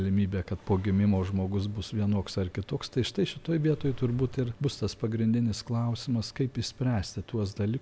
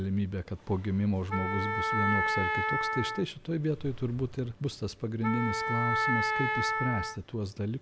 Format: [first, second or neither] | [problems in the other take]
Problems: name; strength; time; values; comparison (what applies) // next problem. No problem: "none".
first | background sound (Wind instrument, woodwind instrument); 1 dB above the speech